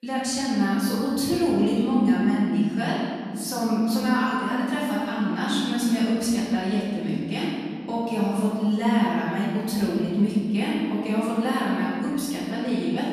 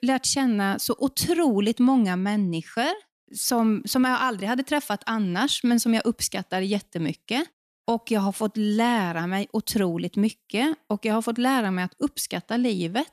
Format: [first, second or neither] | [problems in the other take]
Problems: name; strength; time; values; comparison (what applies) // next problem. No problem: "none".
second | room echo; strong; dies away in 2.6 s // off-mic speech; far